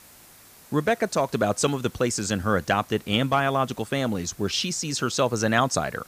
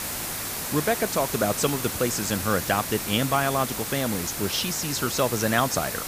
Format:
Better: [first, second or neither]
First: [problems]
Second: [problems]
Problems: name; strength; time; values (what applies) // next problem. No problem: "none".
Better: first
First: hiss; faint; throughout; 25 dB below the speech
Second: hiss; loud; throughout; 4 dB below the speech